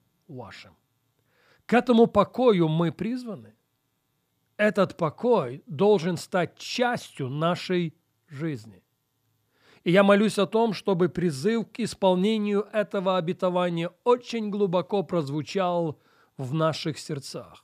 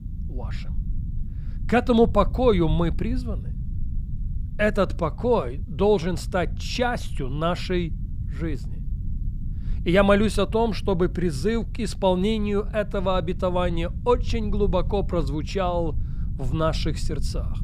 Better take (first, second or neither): first